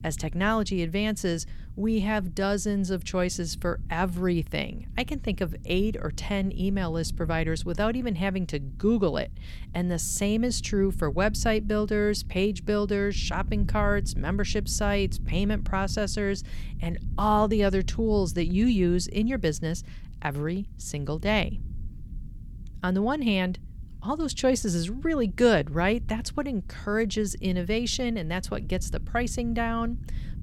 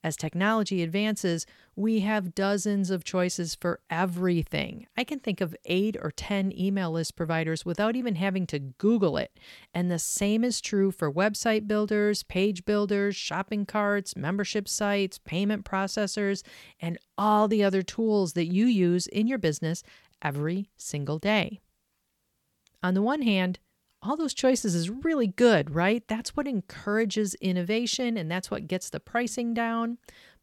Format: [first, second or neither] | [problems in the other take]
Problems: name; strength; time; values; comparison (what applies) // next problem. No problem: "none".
second | low rumble; faint; throughout; 25 dB below the speech